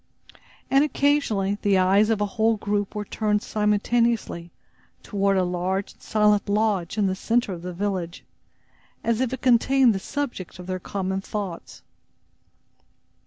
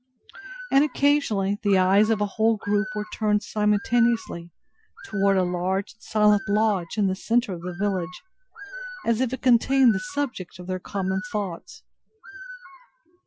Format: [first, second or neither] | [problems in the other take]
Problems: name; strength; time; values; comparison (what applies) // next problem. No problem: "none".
first | noise reduction (classical method Wiener filter)